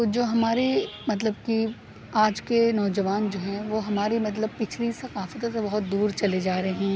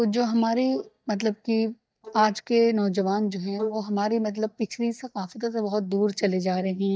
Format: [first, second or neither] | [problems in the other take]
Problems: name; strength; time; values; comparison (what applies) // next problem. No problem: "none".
first | noise reduction (neural mask model DeepFilterNet 3)